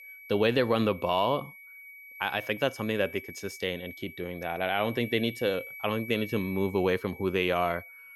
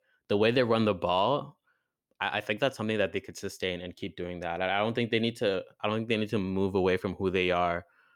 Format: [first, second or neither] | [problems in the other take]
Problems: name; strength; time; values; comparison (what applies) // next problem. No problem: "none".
second | high-pitched whine; noticeable; throughout; 2.5 kHz, 15 dB below the speech